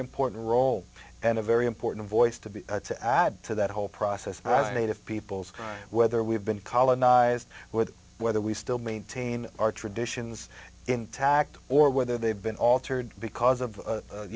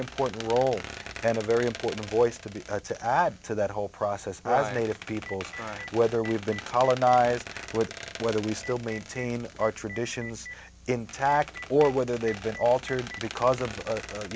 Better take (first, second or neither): first